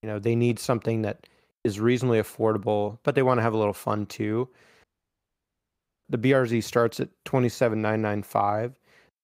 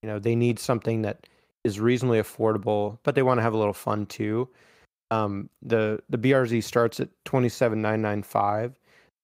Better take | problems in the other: second | audio cutting out; at 5 s for 1 s

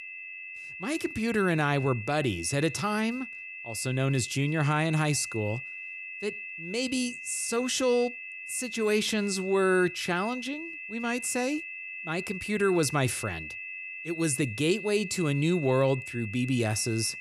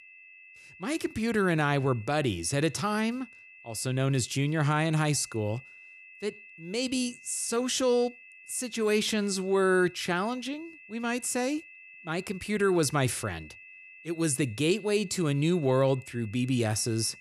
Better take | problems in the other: second | high-pitched whine; loud; throughout; 2.5 kHz, 9 dB below the speech; faint in the second

